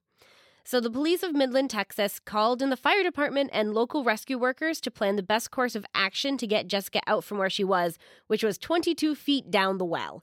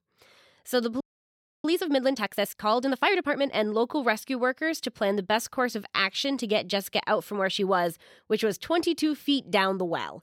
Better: first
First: none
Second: audio freezing; at 1 s for 0.5 s

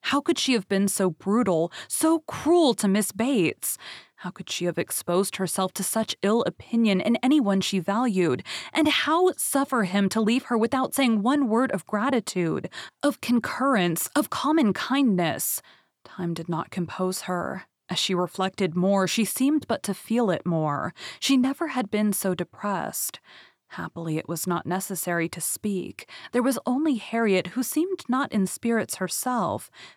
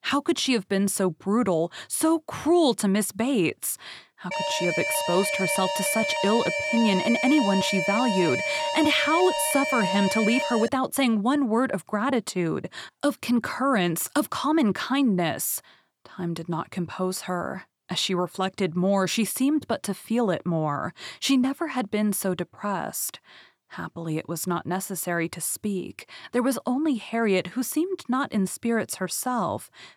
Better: first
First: none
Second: alarm; noticeable; from 4.5 to 11 s; peak level with the speech

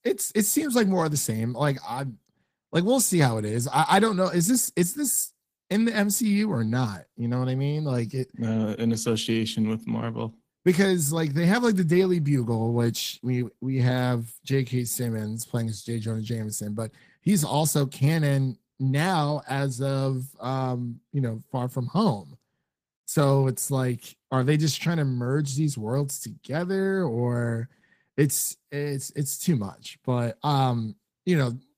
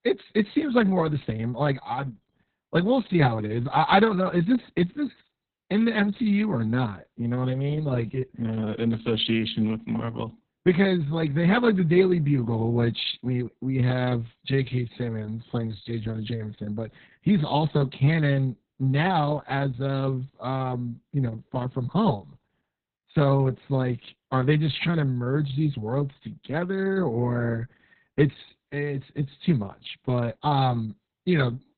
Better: first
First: garbled, watery; slightly; nothing above 15 kHz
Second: garbled, watery; badly; nothing above 4 kHz

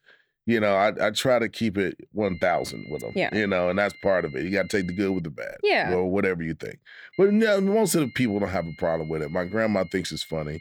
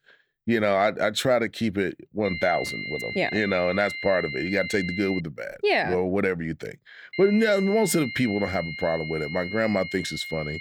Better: first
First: high-pitched whine; faint; from 2.5 to 5 s and from 7 s on; 2 kHz, 20 dB below the speech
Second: high-pitched whine; loud; from 2.5 to 5 s and from 7 s on; 2 kHz, 8 dB below the speech

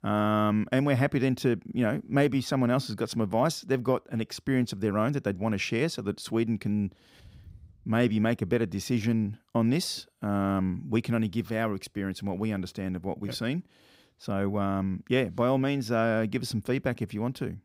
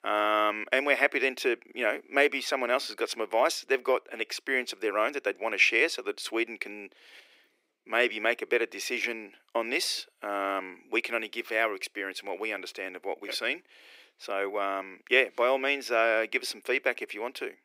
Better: first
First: none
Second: thin; very; fading below 350 Hz

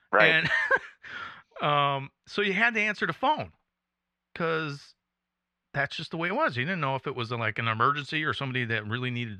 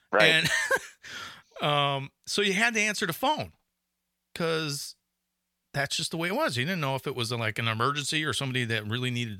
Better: second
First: muffled; slightly; fading above 2.5 kHz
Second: none

